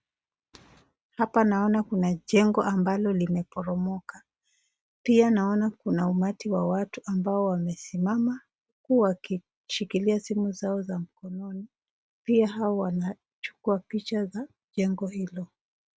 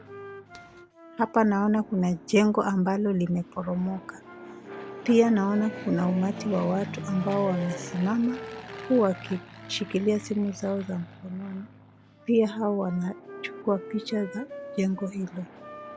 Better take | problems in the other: first | background sound (Fixed-wing aircraft, airplane + Wind instrument, woodwind instrument); 13 dB below the speech

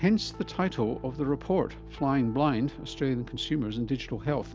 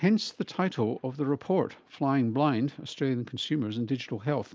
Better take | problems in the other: second | background sound (Piano); 15 dB below the speech

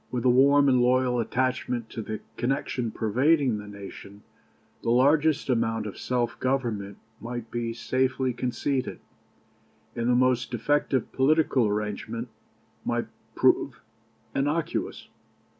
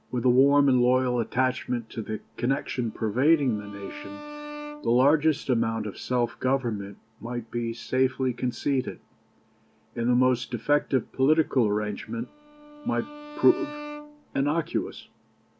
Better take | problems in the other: first | background sound (Bowed string instrument); 16 dB below the speech

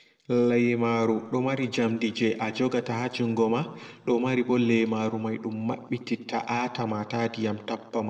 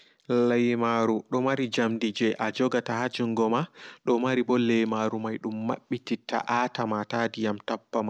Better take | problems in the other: second | room echo; dies away in 1.3 s

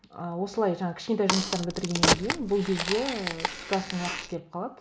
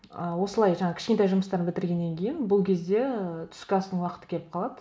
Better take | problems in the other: second | background sound (Crack); as loud as the speech

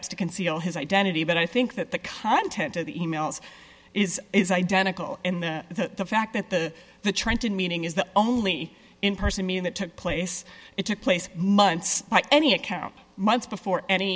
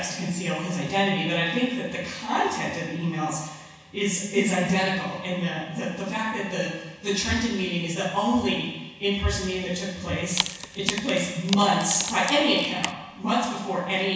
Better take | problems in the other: first | background sound (Wood); 8 dB below the speech // room echo; dies away in 1.1 s

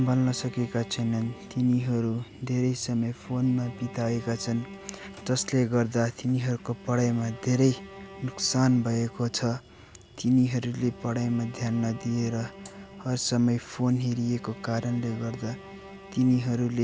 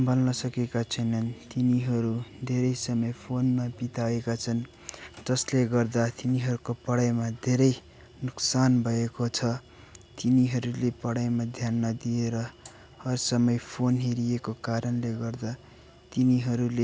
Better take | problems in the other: second | background sound (Bowed string instrument); 19 dB below the speech

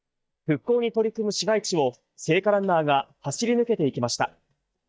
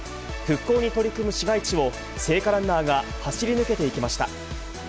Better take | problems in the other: second | noise reduction (neural mask model DeepFilterNet 3)

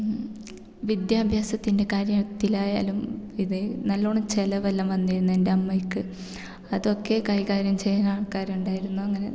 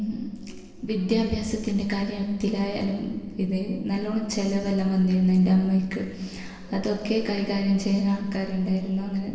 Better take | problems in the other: first | room echo; dies away in 1.2 s

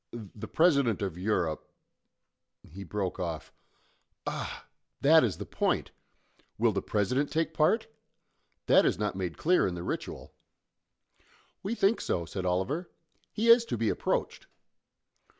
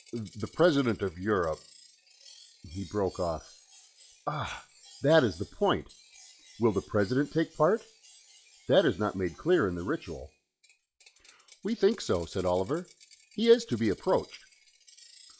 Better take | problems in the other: first | noise reduction (classical method log-MMSE)

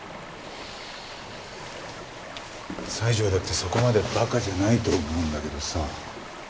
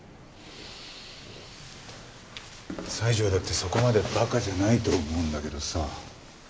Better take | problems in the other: second | background sound (Stream); 13 dB below the speech

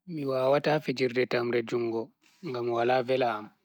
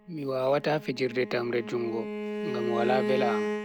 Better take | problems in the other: first | background sound (Bowed string instrument); 4 dB below the speech

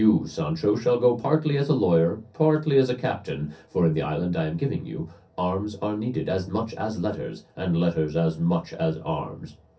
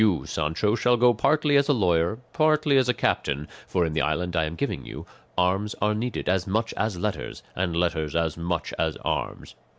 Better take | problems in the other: second | room echo; dies away in 0.3 s

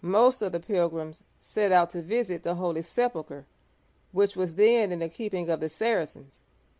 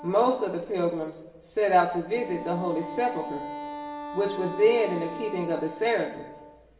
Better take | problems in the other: first | background sound (Wind instrument, woodwind instrument); 12 dB below the speech // room echo; dies away in 1 s

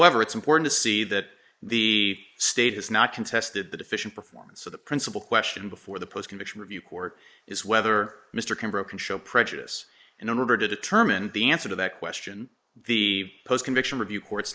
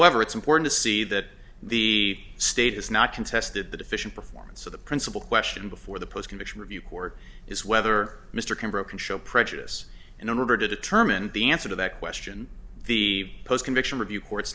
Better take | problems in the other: second | noise reduction (neural mask model Resemble Enhance denoiser)

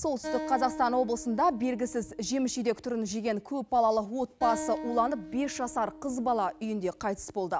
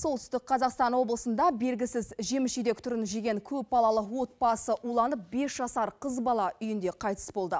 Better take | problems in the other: second | background sound (Acoustic guitar); 13 dB below the speech

